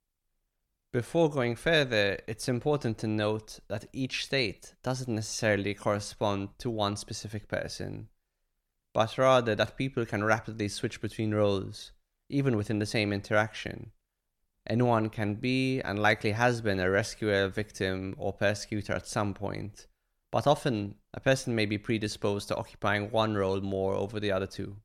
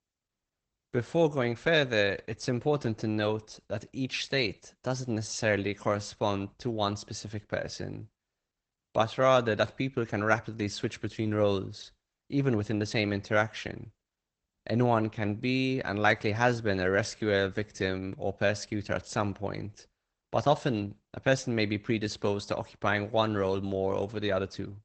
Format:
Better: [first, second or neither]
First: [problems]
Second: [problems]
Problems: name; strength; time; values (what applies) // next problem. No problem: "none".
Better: first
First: none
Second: garbled, watery; badly; nothing above 8 kHz